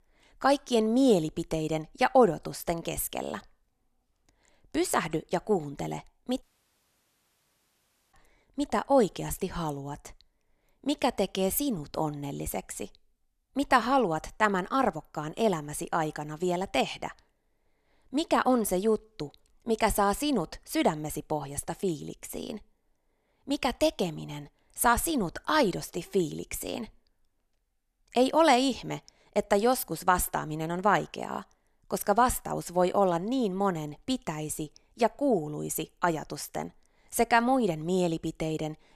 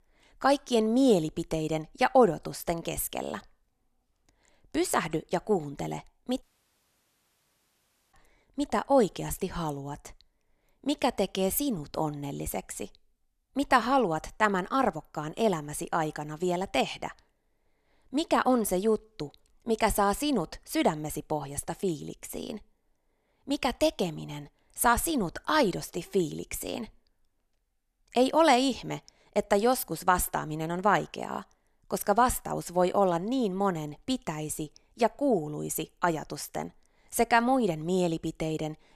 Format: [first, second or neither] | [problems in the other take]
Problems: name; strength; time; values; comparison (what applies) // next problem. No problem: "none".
neither | audio cutting out; at 6.5 s for 1.5 s; the same in both